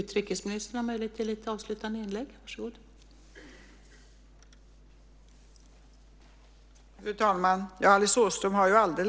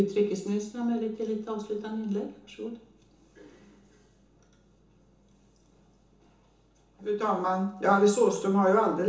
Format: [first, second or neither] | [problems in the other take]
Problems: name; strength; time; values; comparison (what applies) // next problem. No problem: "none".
first | room echo; dies away in 0.8 s